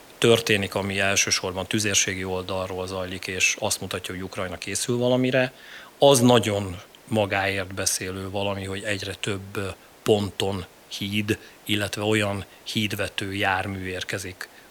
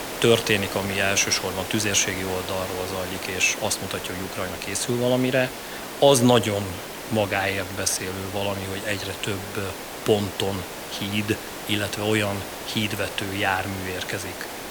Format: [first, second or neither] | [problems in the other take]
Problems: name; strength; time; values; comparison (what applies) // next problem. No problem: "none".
first | hiss; loud; throughout; 9 dB below the speech; faint in the first